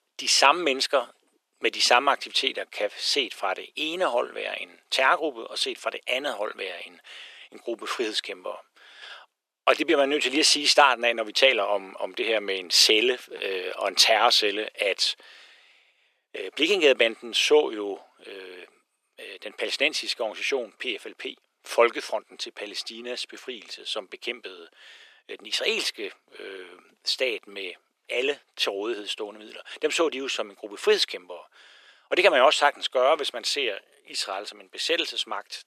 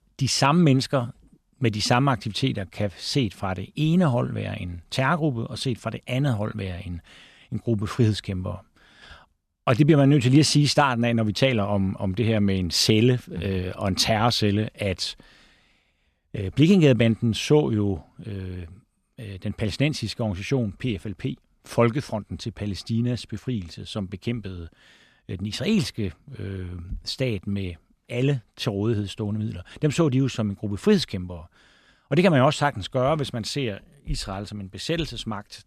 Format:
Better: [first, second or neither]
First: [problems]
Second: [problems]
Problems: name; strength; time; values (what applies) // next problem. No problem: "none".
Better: second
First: thin; very; fading below 400 Hz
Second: none